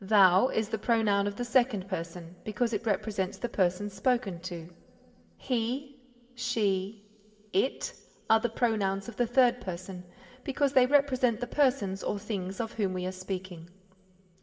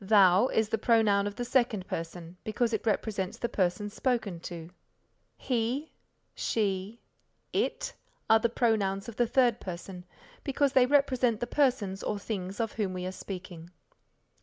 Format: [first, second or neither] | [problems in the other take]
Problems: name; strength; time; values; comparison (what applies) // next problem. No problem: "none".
second | room echo; dies away in 2.5 s